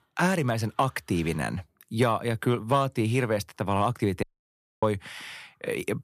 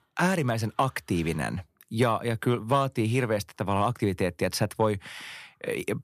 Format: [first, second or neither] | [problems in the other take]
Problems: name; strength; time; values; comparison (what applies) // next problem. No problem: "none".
second | audio cutting out; at 4 s for 0.5 s